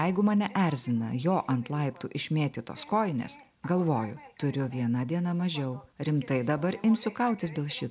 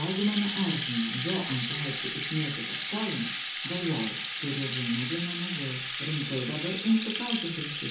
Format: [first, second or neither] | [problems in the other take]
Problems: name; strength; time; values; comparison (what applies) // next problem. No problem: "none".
first | background sound (Rattle (instrument)); 2 dB below the speech // room echo; dies away in 0.5 s